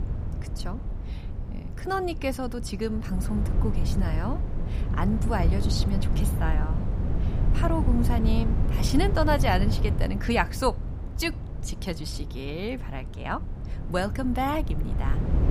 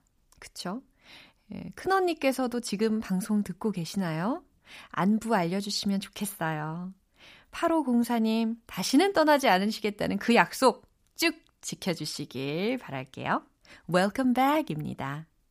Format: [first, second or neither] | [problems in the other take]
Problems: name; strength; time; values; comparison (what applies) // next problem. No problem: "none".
second | wind noise on the microphone; occasional gusts; 10 dB below the speech